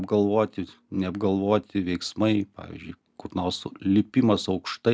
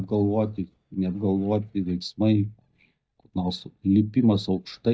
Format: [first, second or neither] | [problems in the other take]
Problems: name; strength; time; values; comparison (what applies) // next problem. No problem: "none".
first | noise reduction (neural mask model DeepFilterNet 3)